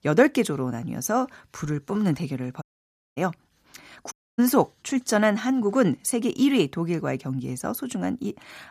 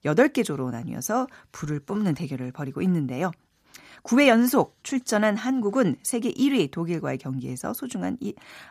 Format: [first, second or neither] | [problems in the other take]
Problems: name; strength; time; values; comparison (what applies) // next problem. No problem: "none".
second | audio cutting out; at 2.5 s for 0.5 s and at 4 s